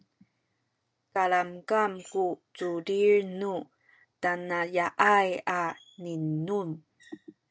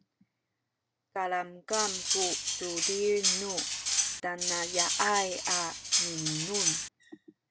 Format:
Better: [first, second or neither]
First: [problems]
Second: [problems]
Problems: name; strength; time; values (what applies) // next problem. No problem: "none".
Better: first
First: none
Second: background sound (Cutlery, silverware); 4 dB above the speech